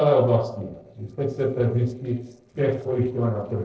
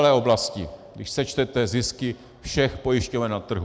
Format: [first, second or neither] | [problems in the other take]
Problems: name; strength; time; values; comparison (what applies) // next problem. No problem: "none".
second | noise reduction (neural separator model SepFormer DNS4)